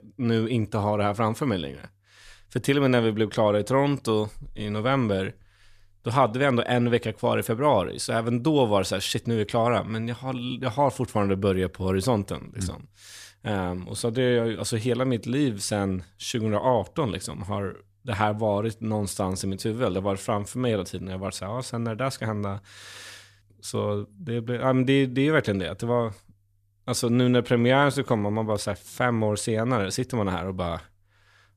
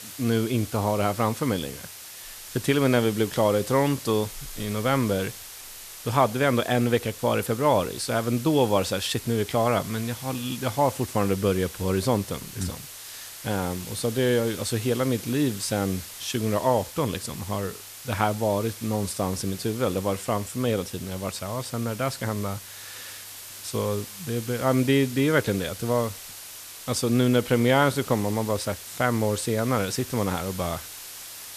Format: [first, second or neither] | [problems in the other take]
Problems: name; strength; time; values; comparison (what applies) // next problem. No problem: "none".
first | hiss; noticeable; throughout; 15 dB below the speech